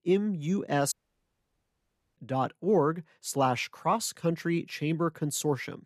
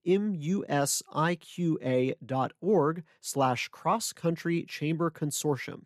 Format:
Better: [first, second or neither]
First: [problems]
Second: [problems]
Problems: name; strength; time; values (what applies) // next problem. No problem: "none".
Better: second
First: audio cutting out; at 1 s for 1.5 s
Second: none